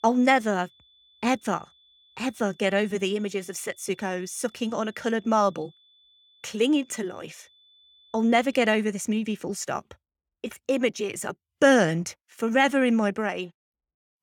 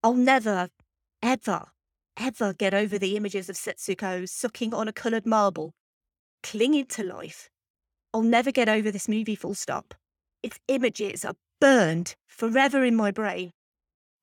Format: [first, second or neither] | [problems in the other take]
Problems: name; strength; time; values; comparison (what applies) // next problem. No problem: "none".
second | high-pitched whine; faint; until 8.5 s; 3.5 kHz, 30 dB below the speech